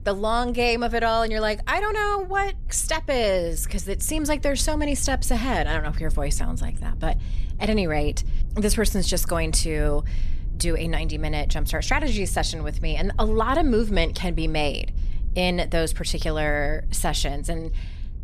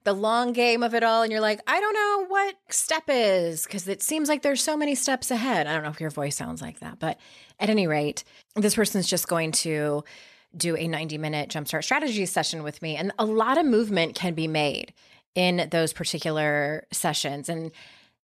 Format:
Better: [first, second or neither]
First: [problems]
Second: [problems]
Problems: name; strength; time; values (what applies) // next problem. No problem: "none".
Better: second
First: low rumble; faint; throughout; 25 dB below the speech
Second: none